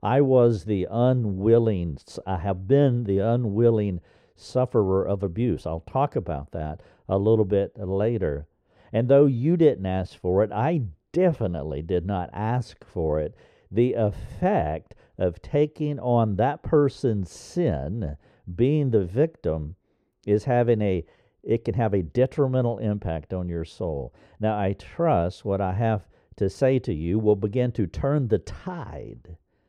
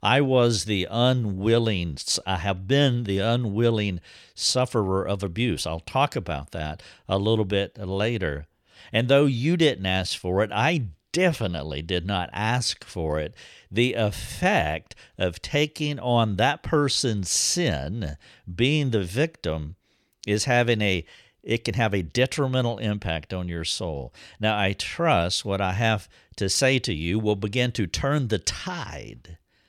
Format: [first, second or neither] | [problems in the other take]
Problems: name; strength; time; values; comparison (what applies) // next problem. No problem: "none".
second | muffled; very; fading above 1.5 kHz